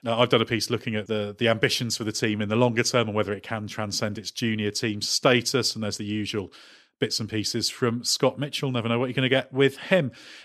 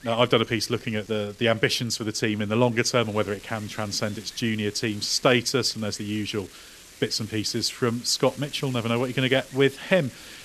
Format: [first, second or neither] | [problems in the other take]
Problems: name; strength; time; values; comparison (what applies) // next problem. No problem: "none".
first | wind noise on the microphone; occasional gusts; 20 dB below the speech